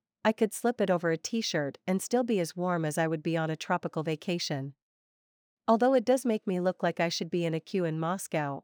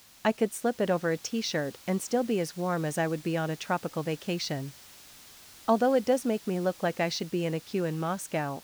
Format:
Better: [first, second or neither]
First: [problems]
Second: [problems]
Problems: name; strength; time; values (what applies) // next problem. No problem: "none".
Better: first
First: none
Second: hiss; noticeable; throughout; 20 dB below the speech